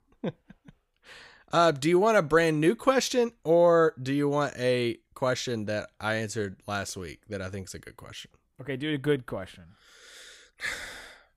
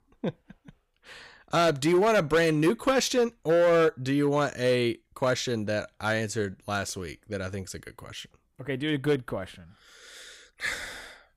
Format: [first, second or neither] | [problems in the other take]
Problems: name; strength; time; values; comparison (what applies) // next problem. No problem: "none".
first | distortion; slight; 4% of the sound clipped